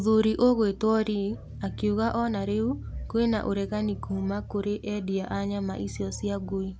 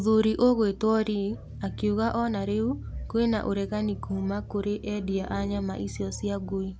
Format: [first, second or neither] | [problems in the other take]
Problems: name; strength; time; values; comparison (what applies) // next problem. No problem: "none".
first | background sound (Bowed string instrument); 16 dB below the speech